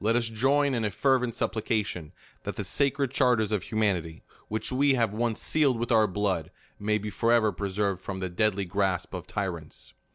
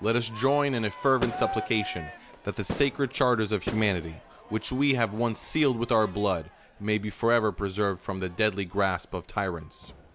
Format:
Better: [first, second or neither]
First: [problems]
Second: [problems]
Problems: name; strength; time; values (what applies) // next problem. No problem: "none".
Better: first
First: none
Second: background sound (Crowd / Fireworks); 13 dB below the speech